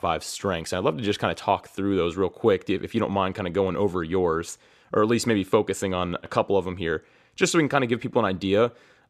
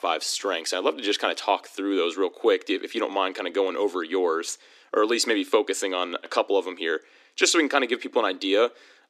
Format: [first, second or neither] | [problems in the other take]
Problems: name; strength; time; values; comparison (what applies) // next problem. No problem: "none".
first | thin; very slightly; fading below 250 Hz